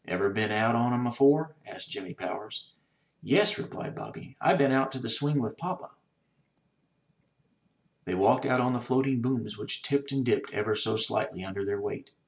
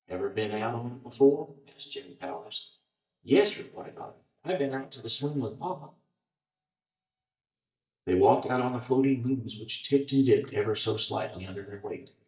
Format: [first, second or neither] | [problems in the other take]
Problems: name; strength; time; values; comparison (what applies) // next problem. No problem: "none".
first | noise reduction (neural mask model DeepFilterNet 3)